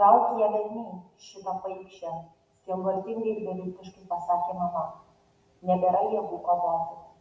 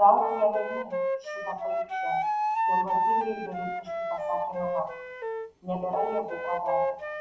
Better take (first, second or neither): first